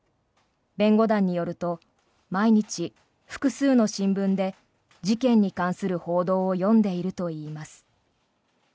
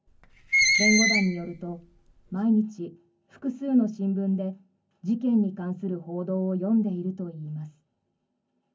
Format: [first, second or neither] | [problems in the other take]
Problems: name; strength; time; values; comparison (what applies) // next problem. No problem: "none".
first | background sound (Screech); 2 dB above the speech // room echo; dies away in 0.3 s